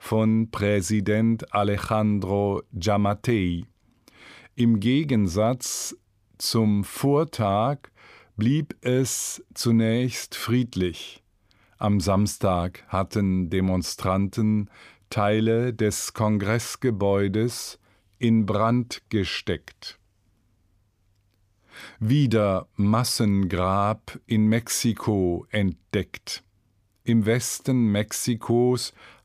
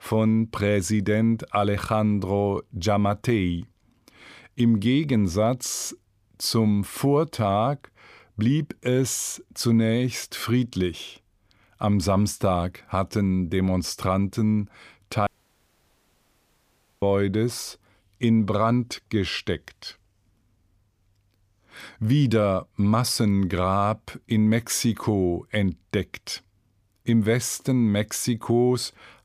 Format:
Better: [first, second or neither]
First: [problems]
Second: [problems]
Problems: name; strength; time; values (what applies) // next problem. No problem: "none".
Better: first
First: none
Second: audio cutting out; at 15 s for 2 s